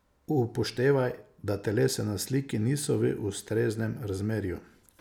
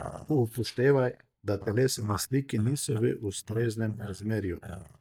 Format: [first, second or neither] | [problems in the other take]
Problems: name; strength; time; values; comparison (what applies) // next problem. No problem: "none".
first | noise reduction (neural mask model DeepFilterNet 3)